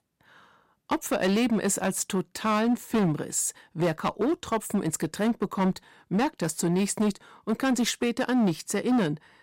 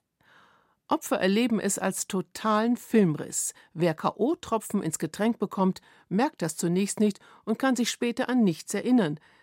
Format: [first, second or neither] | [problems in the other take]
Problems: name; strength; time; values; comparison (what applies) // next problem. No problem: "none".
second | distortion; slight; 10% of the sound clipped